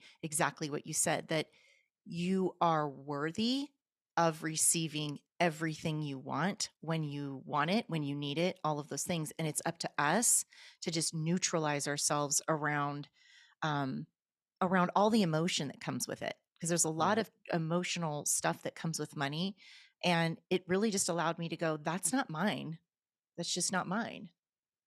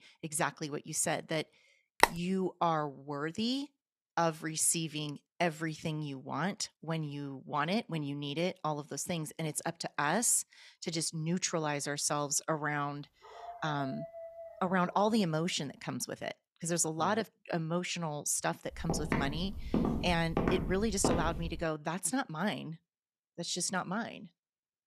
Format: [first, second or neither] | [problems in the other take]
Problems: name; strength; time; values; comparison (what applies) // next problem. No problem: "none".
first | phone ringing; very faint; at 2 s; peak 5 dB above the speech // dog barking; faint; from 13 to 15 s; peak 10 dB below the speech // footsteps; loud; from 19 to 22 s; peak 1 dB above the speech